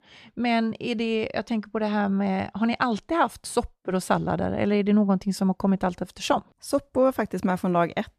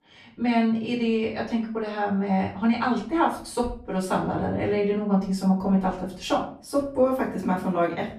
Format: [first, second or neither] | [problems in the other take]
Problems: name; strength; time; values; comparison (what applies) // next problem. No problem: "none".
first | off-mic speech; far // room echo; slight; dies away in 0.4 s